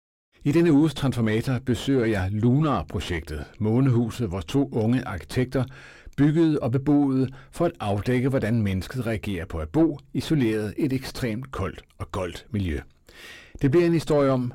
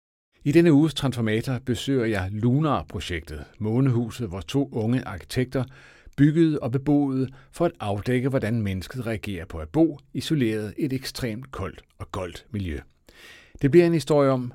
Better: second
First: distortion; slight; 9 dB below the speech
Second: none

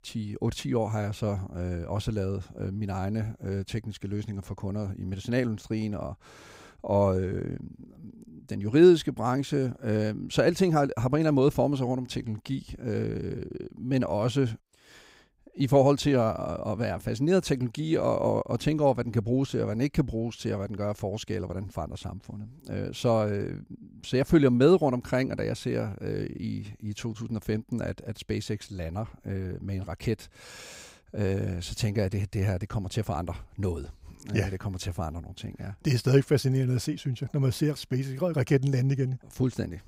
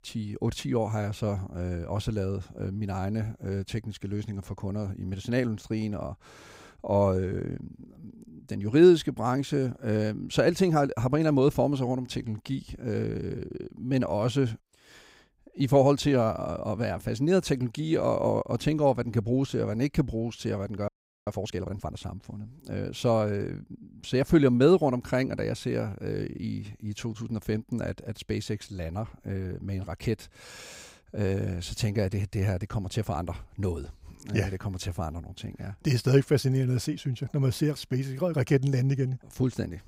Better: first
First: none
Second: audio freezing; at 21 s

